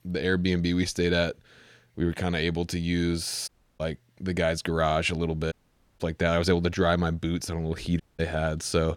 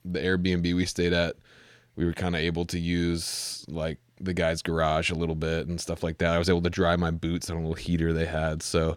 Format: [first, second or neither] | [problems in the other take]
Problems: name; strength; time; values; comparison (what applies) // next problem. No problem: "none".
second | audio cutting out; at 3.5 s, at 5.5 s and at 8 s